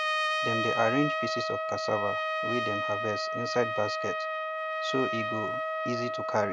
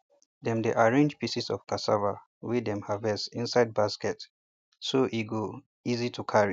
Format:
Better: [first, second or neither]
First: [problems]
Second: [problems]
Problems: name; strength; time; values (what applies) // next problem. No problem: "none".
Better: second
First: background sound (Trumpet); 2 dB above the speech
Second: none